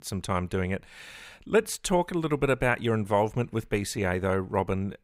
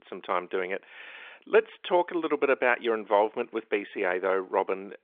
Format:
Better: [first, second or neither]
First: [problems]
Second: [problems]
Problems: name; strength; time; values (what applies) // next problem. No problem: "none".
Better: first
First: none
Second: phone-call audio; nothing above 3.5 kHz